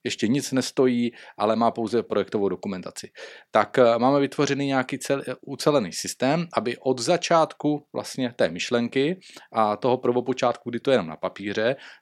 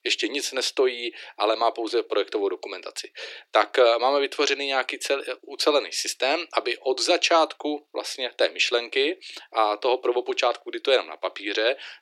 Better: first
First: none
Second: thin; very; fading below 300 Hz

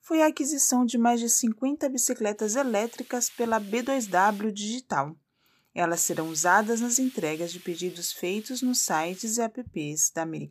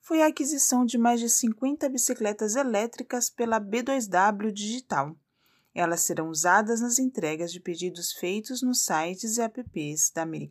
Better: second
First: hiss; faint; from 2.5 to 4.5 s and from 6 to 9.5 s; 20 dB below the speech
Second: none

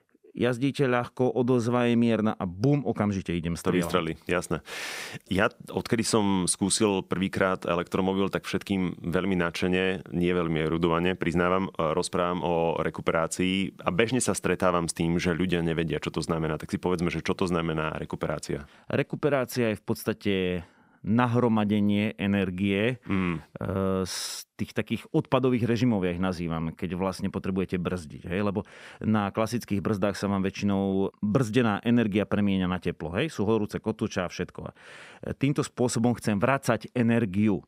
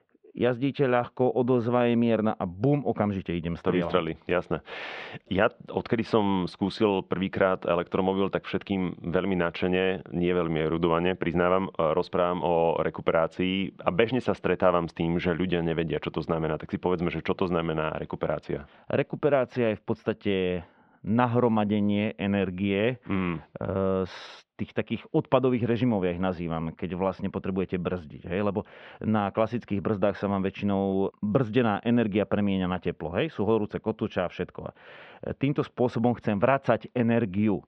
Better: first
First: none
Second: muffled; very; fading above 3.5 kHz

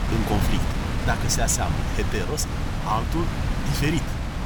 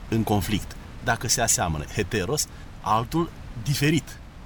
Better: second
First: wind noise on the microphone; heavy; 3 dB below the speech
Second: wind noise on the microphone; occasional gusts; 20 dB below the speech

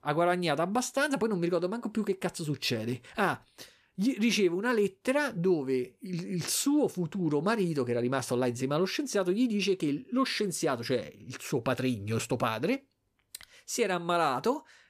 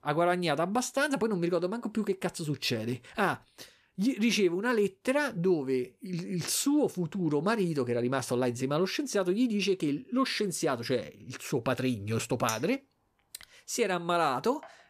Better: first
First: none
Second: clattering dishes; noticeable; from 12 s on; peak 9 dB below the speech

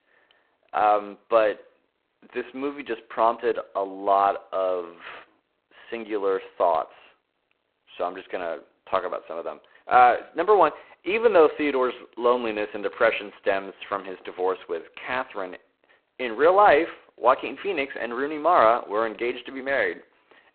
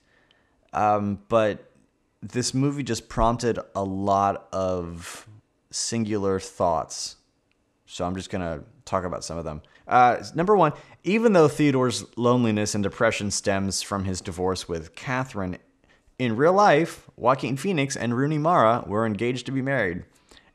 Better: second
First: phone-call audio; poor line; nothing above 4 kHz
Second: none

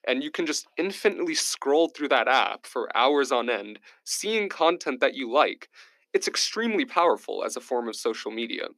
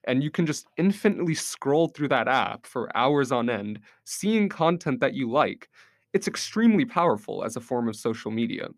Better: second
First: thin; somewhat; fading below 300 Hz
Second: none

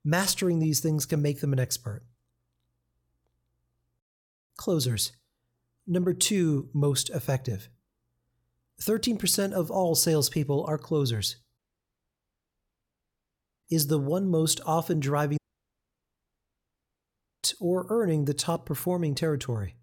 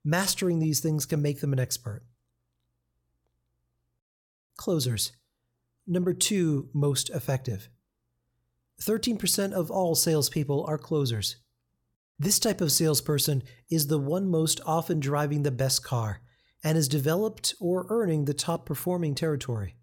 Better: second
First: audio cutting out; at 12 s for 2 s and at 15 s for 2 s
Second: none

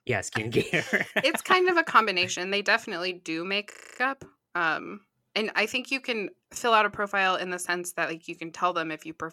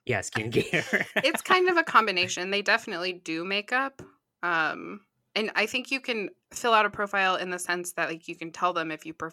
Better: second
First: audio freezing; at 3.5 s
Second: none

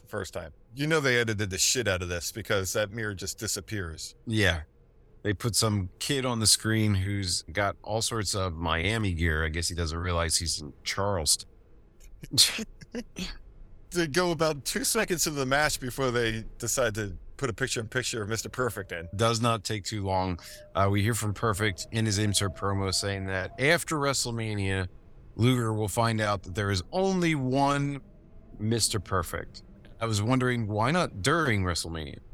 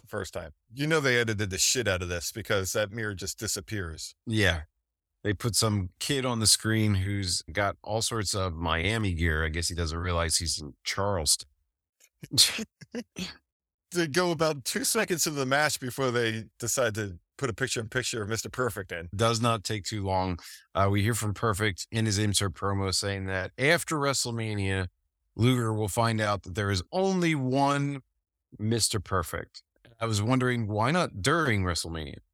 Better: second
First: wind in the background; faint; throughout; 25 dB below the speech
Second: none

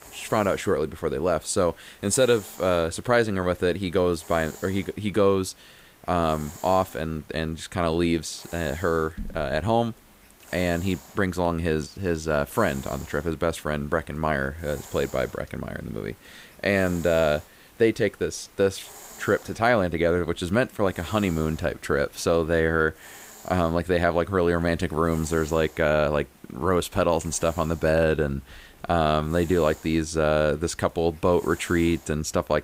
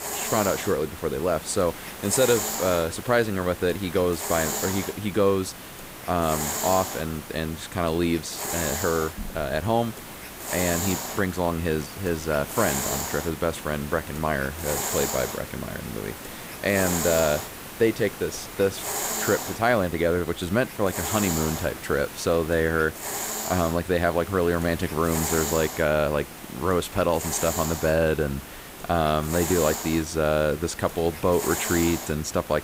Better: first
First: hiss; faint; throughout; 20 dB below the speech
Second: hiss; loud; throughout; 6 dB below the speech

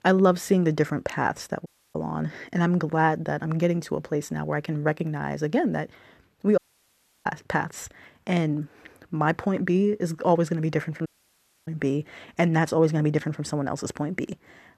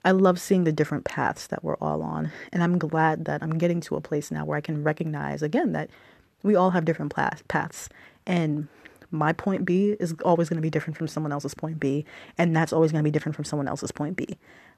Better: second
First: audio cutting out; at 1.5 s, at 6.5 s for 0.5 s and at 11 s for 0.5 s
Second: none

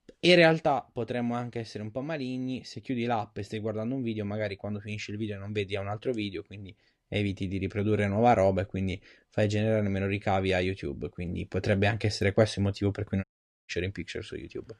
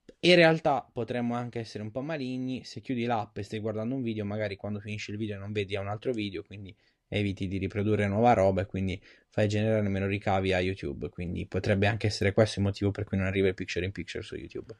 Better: second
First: audio cutting out; at 13 s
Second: none

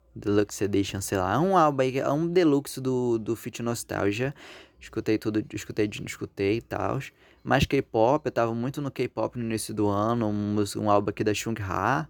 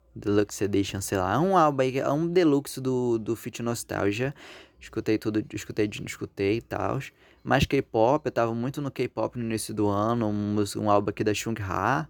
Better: neither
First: none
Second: none

